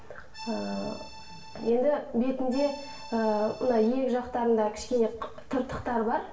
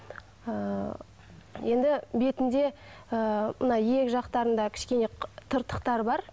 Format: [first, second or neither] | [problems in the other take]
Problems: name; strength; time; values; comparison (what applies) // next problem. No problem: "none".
second | background sound (Accordion); 17 dB below the speech // room echo; dies away in 0.7 s